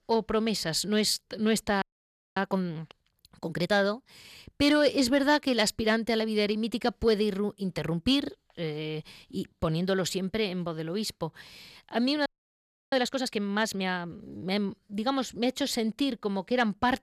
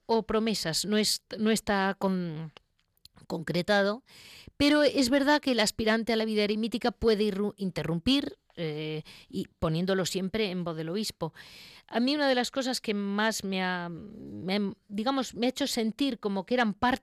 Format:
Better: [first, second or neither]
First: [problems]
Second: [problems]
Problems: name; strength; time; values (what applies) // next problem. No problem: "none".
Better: second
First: audio freezing; at 2 s for 0.5 s and at 12 s for 0.5 s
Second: none